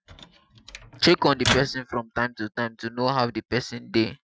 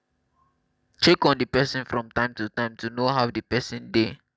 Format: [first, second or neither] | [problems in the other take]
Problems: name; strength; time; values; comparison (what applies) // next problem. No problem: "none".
second | noise reduction (classical method Wiener filter)